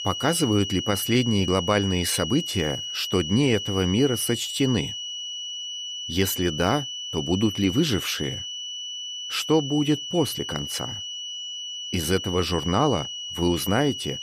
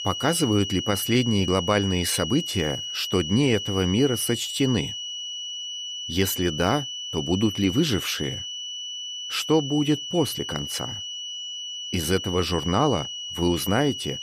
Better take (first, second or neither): neither